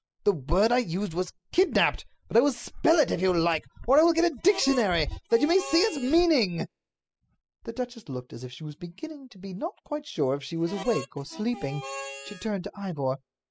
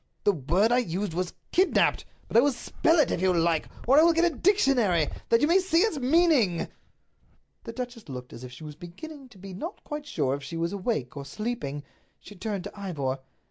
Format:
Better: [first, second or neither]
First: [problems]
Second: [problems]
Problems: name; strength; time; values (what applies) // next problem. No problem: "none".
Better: second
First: noise reduction (classical method spectral subtraction)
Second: none